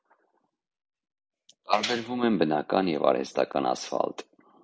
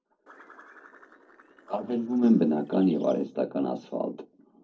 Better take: first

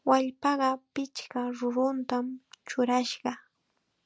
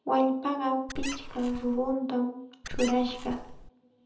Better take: first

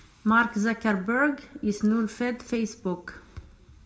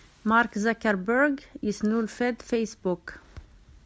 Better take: second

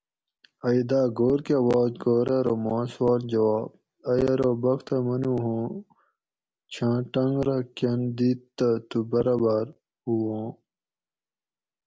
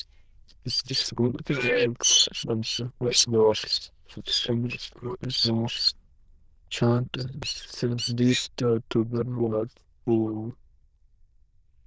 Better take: first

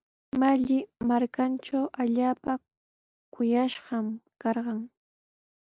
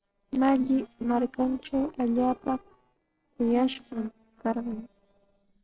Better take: first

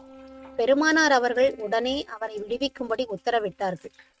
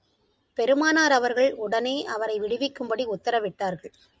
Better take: second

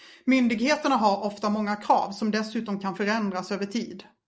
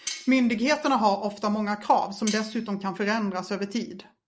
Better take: first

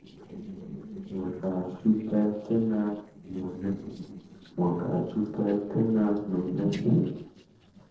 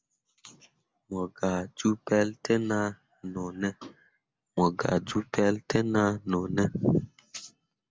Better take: second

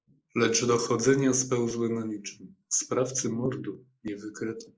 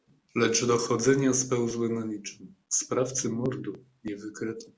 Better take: second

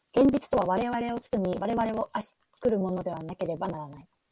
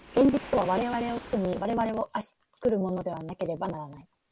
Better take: first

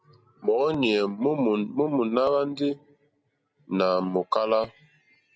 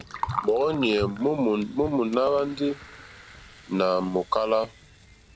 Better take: first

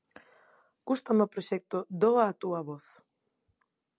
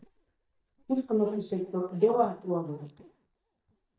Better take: first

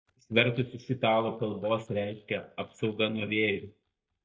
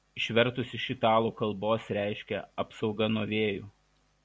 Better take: second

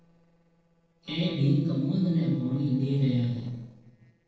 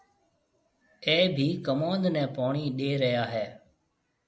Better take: second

